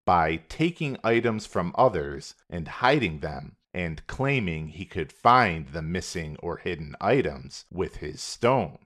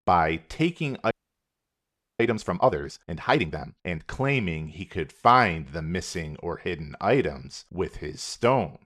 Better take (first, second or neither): first